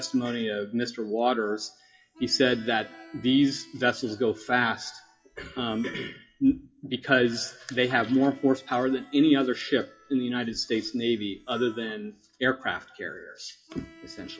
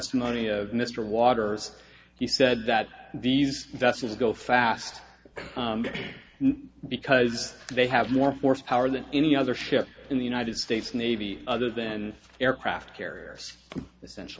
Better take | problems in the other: second | noise reduction (classical method WPE with log-MMSE)

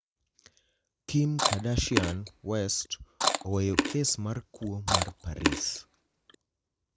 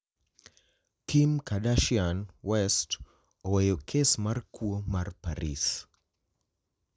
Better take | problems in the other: second | background sound (Chewing, mastication); as loud as the speech

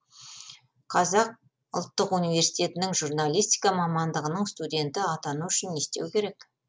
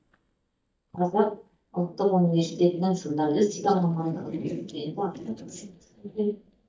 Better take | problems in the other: first | noise reduction (neural mask model DeepFilterNet 3)

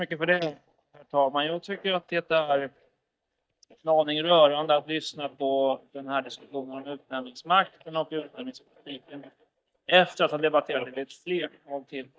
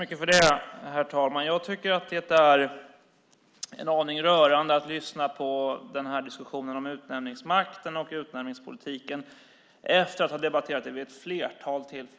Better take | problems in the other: second | noise reduction (neural mask model DeepFilterNet 3)

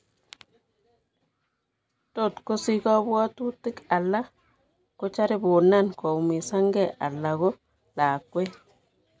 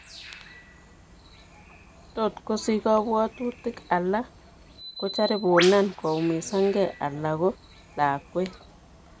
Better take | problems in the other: first | background sound (Bird); 13 dB below the speech

